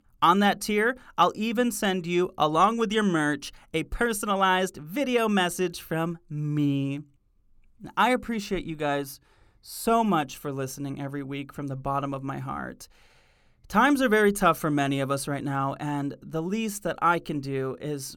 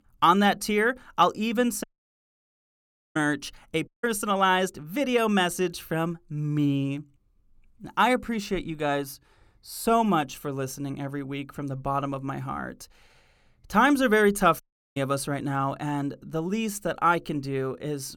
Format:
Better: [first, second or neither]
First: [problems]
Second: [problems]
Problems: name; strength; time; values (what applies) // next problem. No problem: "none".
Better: first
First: none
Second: audio cutting out; at 2 s for 1.5 s, at 4 s and at 15 s